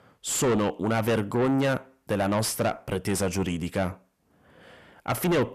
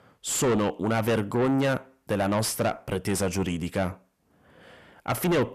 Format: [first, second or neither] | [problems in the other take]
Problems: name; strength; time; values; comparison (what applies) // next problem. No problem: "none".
neither | distortion; heavy; 6 dB below the speech; the same in both